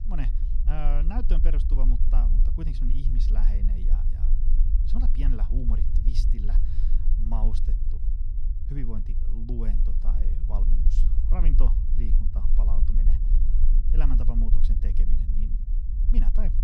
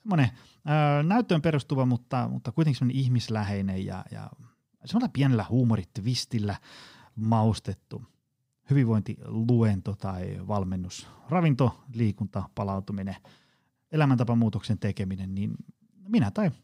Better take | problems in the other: second | low rumble; loud; throughout; 6 dB below the speech

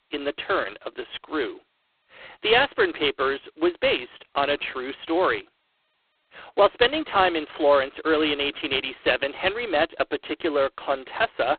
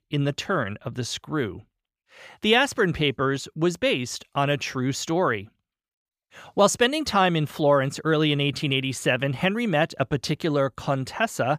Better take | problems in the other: second | phone-call audio; poor line

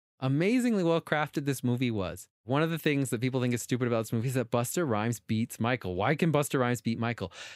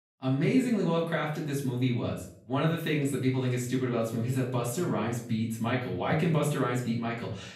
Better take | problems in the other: first | off-mic speech; far // room echo; slight; dies away in 0.5 s

